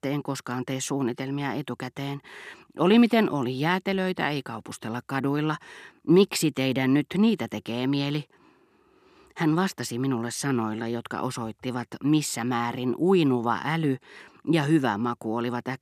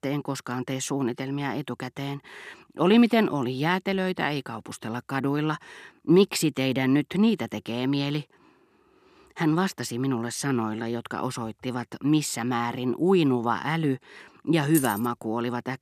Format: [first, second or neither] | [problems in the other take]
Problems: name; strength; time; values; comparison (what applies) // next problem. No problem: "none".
first | jangling keys; noticeable; at 15 s; peak 5 dB below the speech